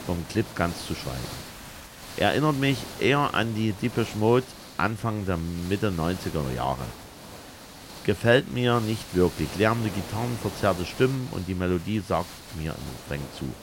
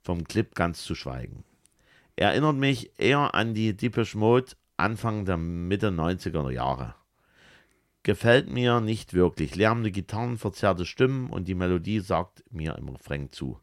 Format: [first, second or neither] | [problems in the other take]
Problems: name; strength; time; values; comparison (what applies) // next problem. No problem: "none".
second | hiss; noticeable; throughout; 15 dB below the speech